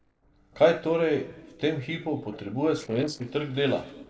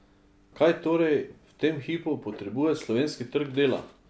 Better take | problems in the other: second | noise reduction (neural separator model SepFormer DNS4)

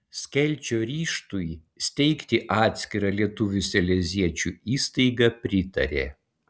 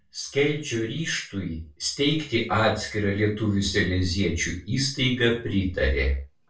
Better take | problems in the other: first | room echo; dies away in 0.3 s

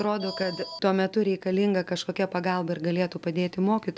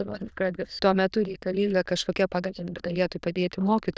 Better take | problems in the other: first | noise reduction (neural diffusion model UNIVERSE++)

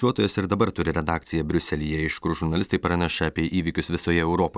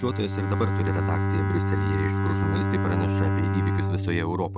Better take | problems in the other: first | noise reduction (neural mask model RNNoise)

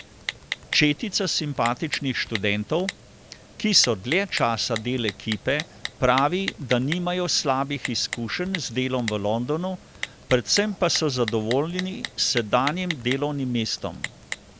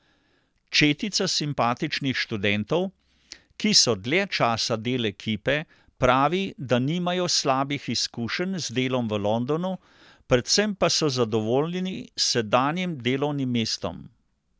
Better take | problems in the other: second | background sound (Typing); 11 dB below the speech

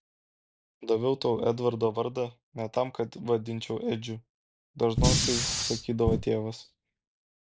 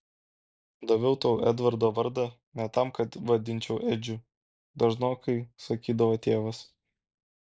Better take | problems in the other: second | background sound (Fire); 3 dB above the speech

